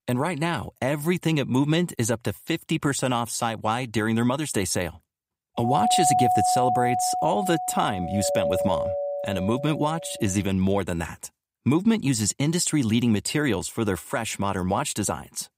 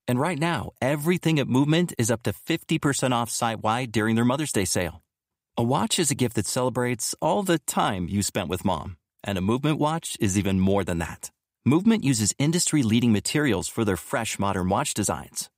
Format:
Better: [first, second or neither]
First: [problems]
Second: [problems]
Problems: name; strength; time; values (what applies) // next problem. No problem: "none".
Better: second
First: doorbell; loud; from 5.5 to 10 s; peak 4 dB above the speech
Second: none